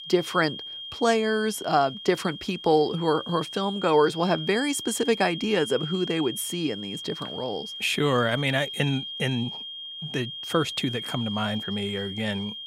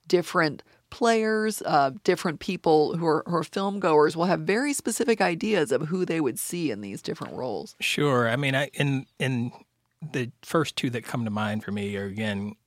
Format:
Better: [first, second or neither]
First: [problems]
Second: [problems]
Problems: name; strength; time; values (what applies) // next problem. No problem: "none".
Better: second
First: high-pitched whine; loud; throughout; 3 kHz, 8 dB below the speech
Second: none